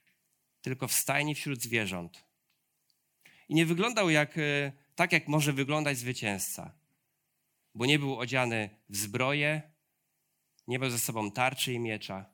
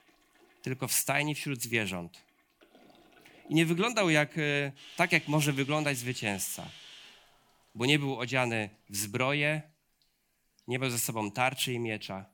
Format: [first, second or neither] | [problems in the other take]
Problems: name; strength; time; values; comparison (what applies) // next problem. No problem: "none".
first | household noises; faint; throughout; 20 dB below the speech